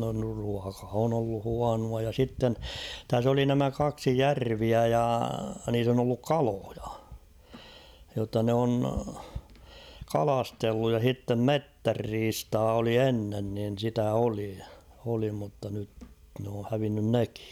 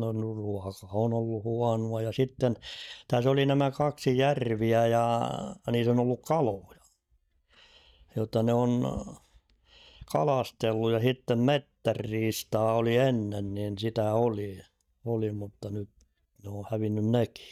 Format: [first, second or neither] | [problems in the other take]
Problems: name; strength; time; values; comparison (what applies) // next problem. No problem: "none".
first | noise reduction (neural mask model DeepFilterNet 3)